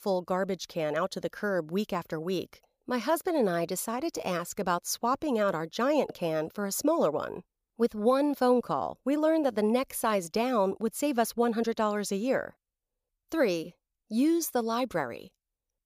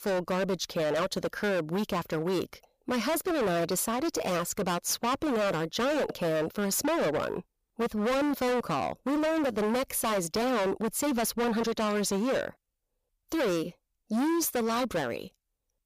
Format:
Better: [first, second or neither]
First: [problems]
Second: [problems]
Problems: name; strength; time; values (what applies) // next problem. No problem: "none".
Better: first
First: none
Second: distortion; heavy; 27% of the sound clipped